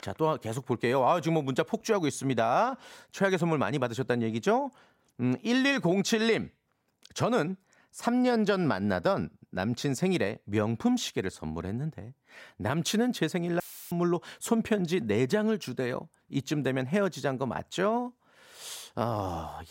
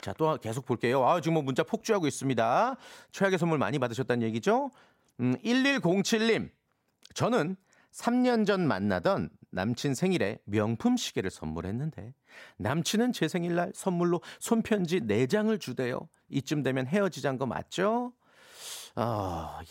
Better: second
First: audio cutting out; filled with static; at 14 s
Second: none

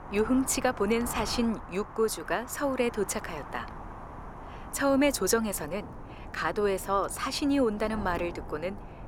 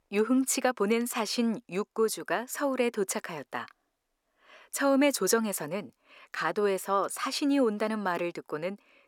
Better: second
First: wind noise on the microphone; occasional gusts; 15 dB below the speech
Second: none

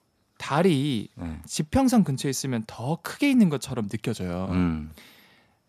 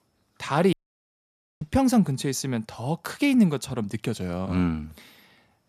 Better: first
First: none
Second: audio cutting out; at 0.5 s for 1 s

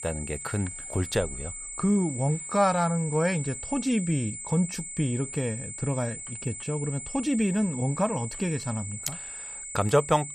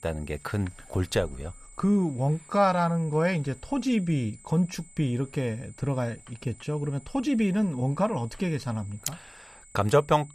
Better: second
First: high-pitched whine; loud; throughout; 8 kHz, 7 dB below the speech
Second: high-pitched whine; faint; throughout; 8 kHz, 25 dB below the speech

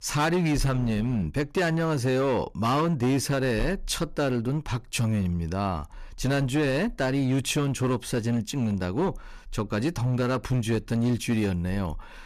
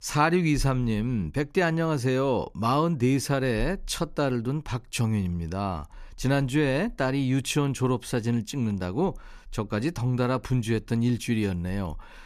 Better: second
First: distortion; slight; 11% of the sound clipped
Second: none

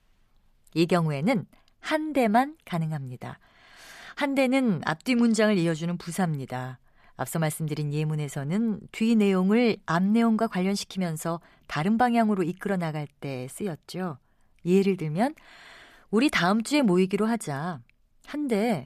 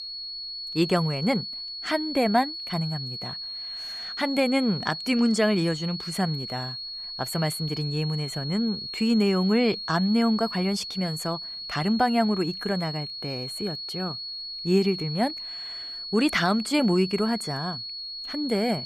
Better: first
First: none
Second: high-pitched whine; loud; throughout; 4.5 kHz, 7 dB below the speech

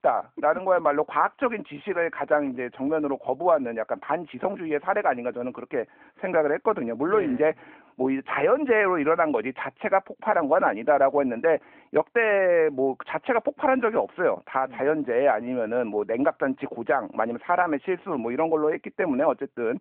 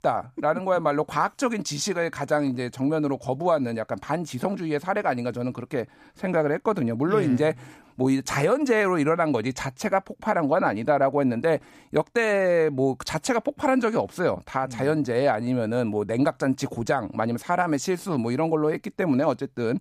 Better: second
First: phone-call audio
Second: none

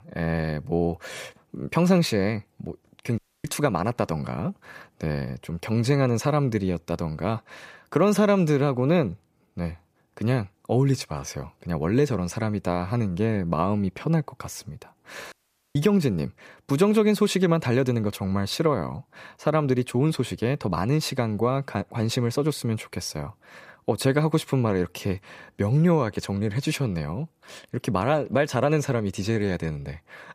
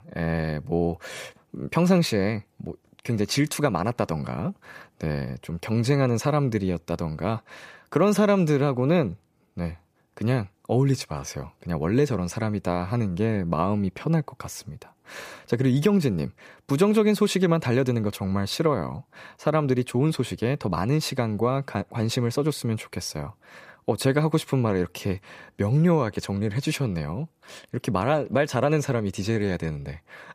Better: second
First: audio cutting out; at 3 s and at 15 s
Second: none

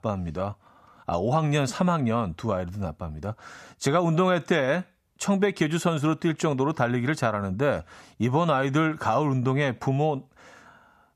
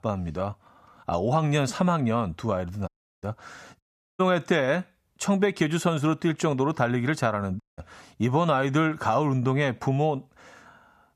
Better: first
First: none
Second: audio cutting out; at 3 s, at 4 s and at 7.5 s

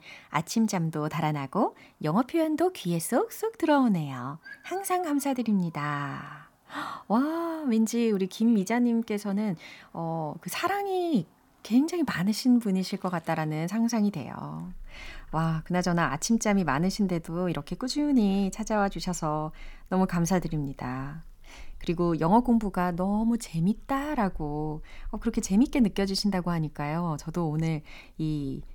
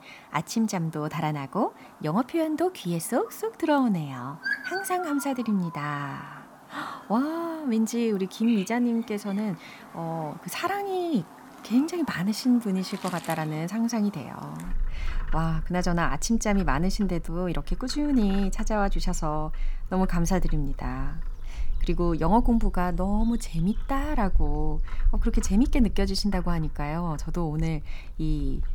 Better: first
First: animal sounds; faint; throughout; 25 dB below the speech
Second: animal sounds; loud; throughout; 9 dB below the speech

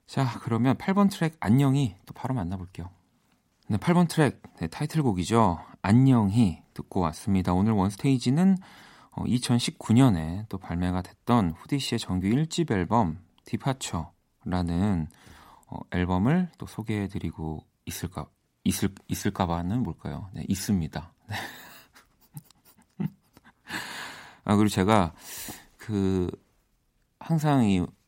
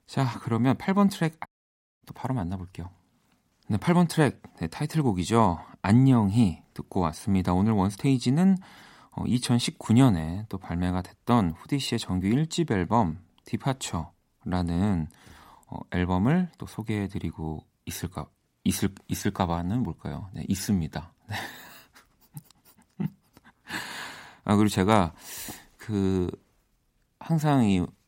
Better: first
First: none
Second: audio cutting out; at 1.5 s for 0.5 s

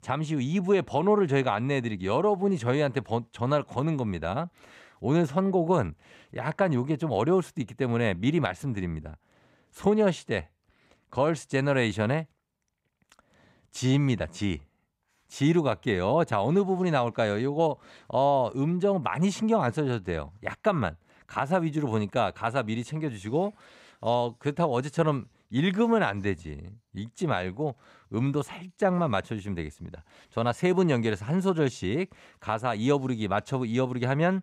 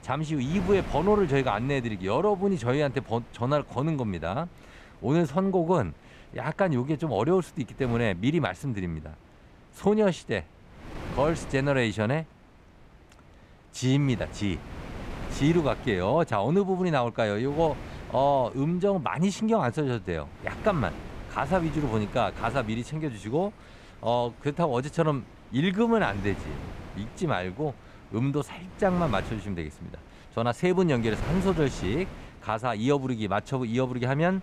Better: first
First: none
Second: wind noise on the microphone; occasional gusts; 15 dB below the speech

